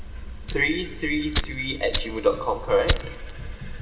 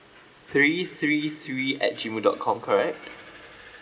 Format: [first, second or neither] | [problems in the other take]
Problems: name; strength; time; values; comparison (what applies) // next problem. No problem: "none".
second | background sound (Fire); 3 dB below the speech // room echo; dies away in 0.9 s